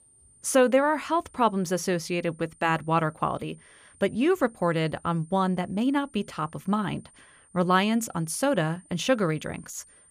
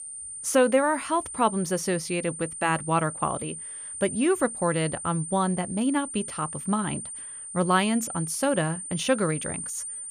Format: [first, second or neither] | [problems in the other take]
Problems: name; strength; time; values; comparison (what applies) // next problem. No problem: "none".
first | high-pitched whine; loud; throughout; 9 kHz, 8 dB below the speech; faint in the first